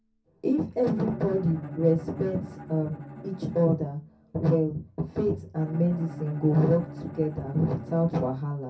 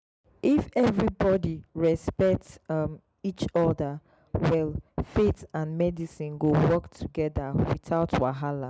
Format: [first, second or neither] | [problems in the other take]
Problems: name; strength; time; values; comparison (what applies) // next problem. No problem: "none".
second | background sound (Bowed string instrument); 15 dB below the speech // room echo; dies away in 0.3 s